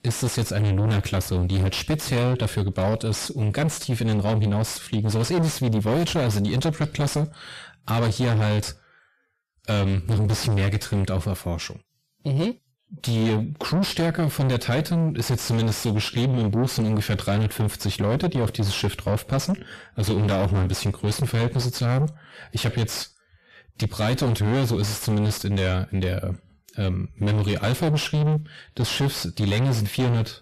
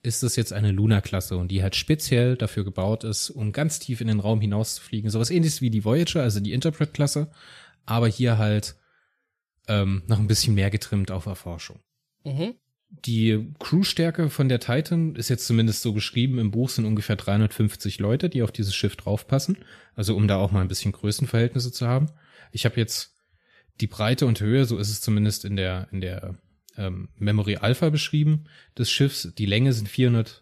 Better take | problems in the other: second | distortion; heavy; 6 dB below the speech

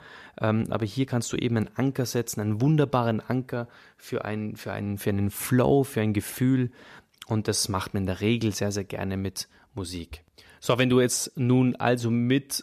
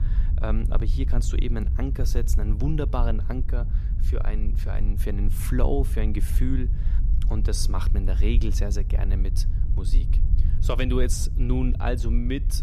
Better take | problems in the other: first | low rumble; noticeable; throughout; 10 dB below the speech

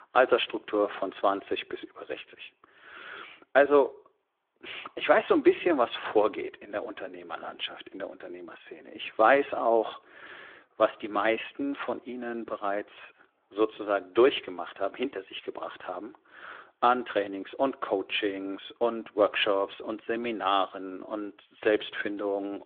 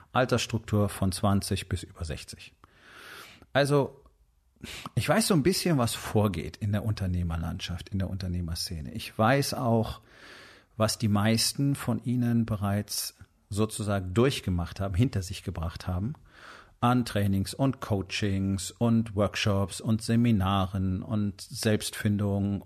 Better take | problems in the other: second | phone-call audio; nothing above 3.5 kHz

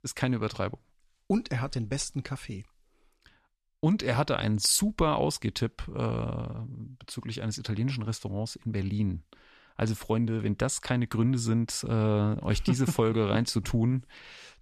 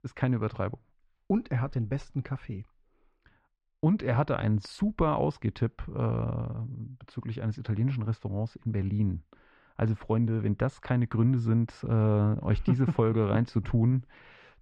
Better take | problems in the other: first | muffled; very; fading above 2 kHz

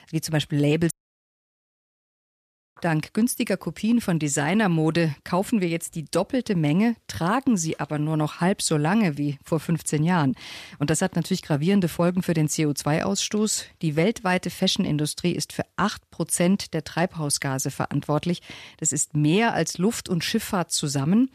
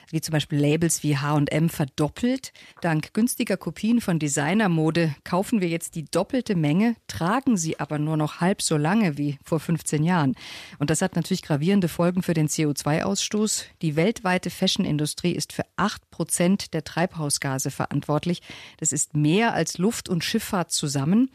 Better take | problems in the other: second | audio cutting out; at 1 s for 2 s

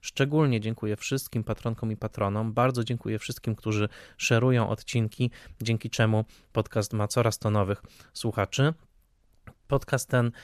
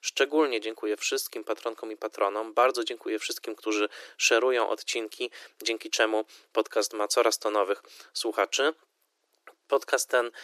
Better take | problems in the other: first | thin; very; fading below 300 Hz

